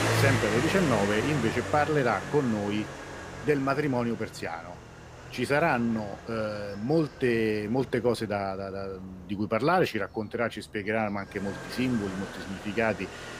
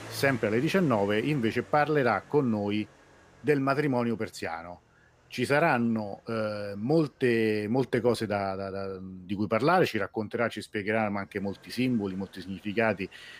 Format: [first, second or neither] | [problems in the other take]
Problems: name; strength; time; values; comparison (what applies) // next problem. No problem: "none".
second | traffic noise; loud; throughout; 6 dB below the speech; faint in the second